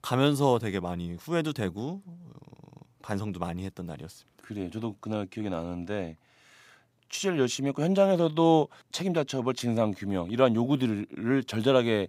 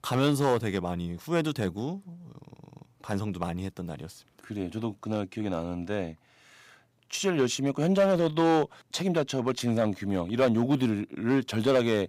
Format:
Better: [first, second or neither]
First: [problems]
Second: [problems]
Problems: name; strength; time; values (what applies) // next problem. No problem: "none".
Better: first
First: none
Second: distortion; slight; 2% of the sound clipped